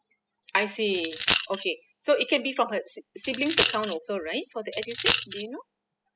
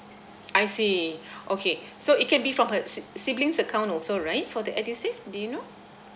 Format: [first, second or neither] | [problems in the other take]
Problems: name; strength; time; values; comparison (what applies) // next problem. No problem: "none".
second | noise reduction (classical method spectral subtraction)